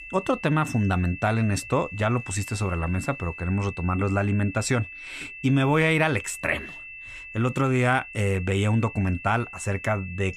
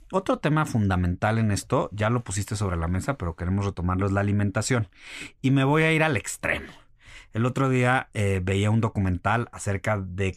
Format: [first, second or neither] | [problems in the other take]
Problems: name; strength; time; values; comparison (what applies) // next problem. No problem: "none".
second | high-pitched whine; noticeable; throughout; 2.5 kHz, 15 dB below the speech